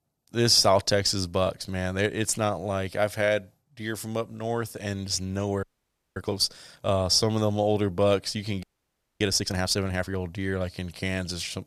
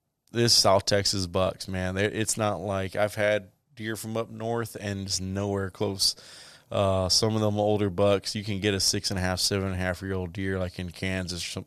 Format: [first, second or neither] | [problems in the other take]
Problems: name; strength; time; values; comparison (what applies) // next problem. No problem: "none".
second | audio freezing; at 5.5 s for 0.5 s and at 8.5 s for 0.5 s